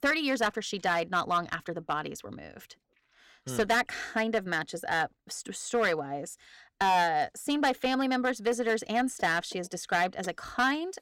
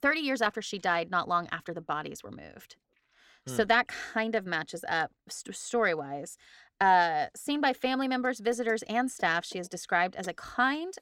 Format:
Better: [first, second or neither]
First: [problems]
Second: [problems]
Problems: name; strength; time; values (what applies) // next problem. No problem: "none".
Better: second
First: distortion; slight; 4% of the sound clipped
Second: none